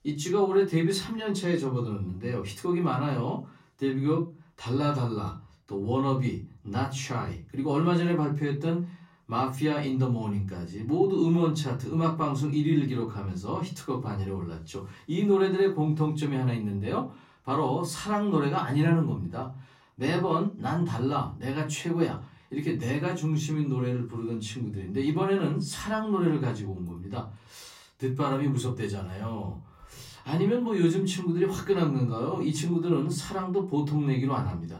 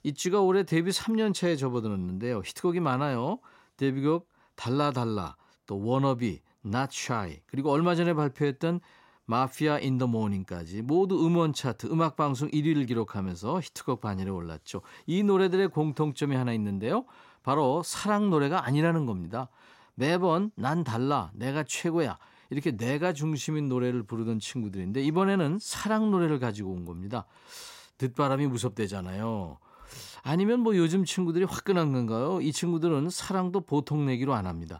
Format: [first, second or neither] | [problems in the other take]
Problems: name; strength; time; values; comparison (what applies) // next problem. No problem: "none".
second | off-mic speech; far // room echo; very slight; dies away in 0.3 s